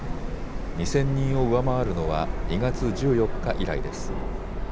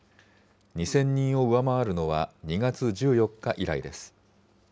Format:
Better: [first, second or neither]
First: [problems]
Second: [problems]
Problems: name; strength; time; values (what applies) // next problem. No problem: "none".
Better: second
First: background sound (Subway, metro, underground); 1 dB below the speech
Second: none